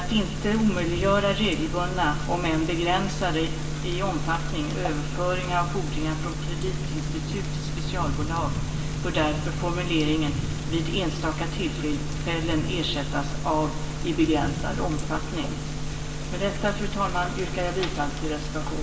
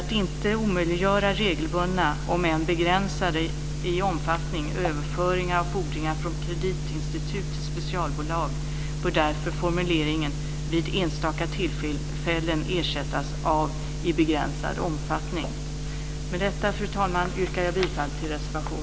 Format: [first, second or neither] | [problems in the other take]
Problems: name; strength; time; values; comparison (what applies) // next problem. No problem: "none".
second | background sound (Thunder / Rain); 12 dB below the speech // room echo; dies away in 0.8 s